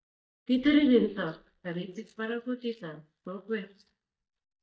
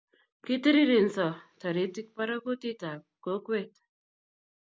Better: second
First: noise reduction (neural mask model DeepFilterNet 3)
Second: none

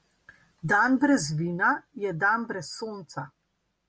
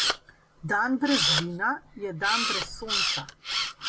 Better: first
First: none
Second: background sound (Camera); 1 dB above the speech

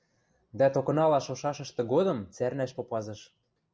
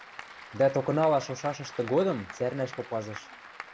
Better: first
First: none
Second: background sound (Applause / Crowd); 15 dB below the speech

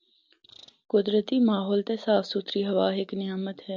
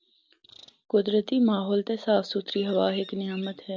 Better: first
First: none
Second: background sound (Bird vocalization, bird call, bird song); 18 dB below the speech

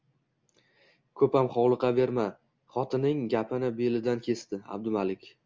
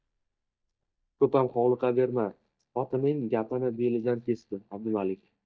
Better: first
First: none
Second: noise reduction (neural mask model DeepFilterNet 3)

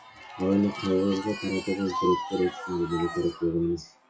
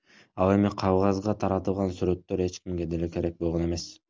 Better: second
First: noise reduction (classical method WPE with log-MMSE)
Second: none

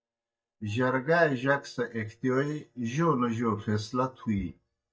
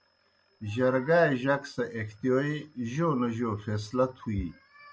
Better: second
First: noise reduction (neural mask model DeepFilterNet 3)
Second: none

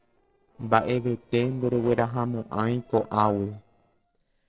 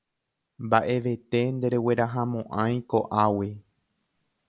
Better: second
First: noise reduction (neural separator model SepFormer DNS4)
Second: none

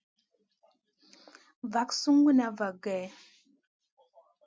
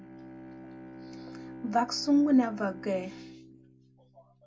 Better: first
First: none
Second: background sound (Bowed string instrument); 15 dB below the speech // room echo; dies away in 0.2 s

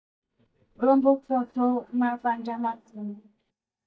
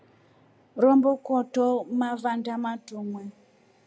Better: second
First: noise reduction (neural mask model DeepFilterNet 3)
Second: none

